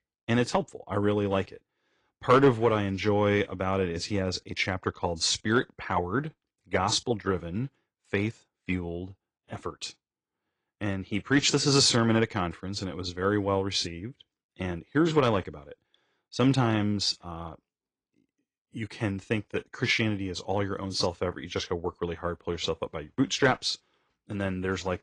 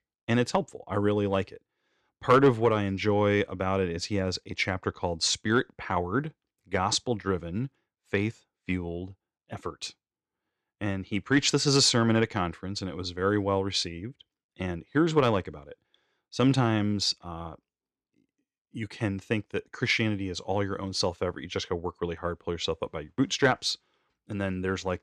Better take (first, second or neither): second